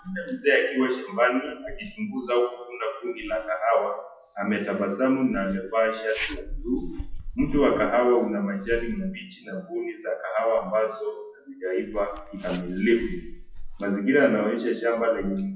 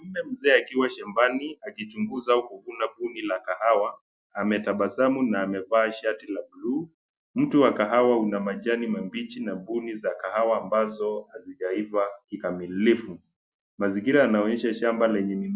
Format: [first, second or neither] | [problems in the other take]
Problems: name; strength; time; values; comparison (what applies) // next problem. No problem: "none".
second | noise reduction (classical method WPE with log-MMSE)